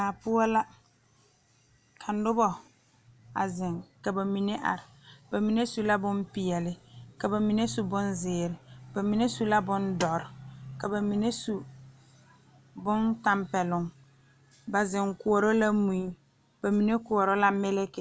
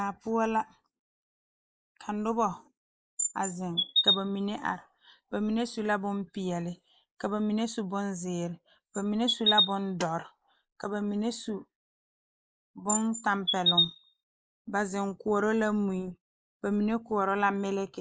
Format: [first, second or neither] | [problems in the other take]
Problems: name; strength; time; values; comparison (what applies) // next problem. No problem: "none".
first | noise reduction (neural mask model Resemble Enhance denoiser)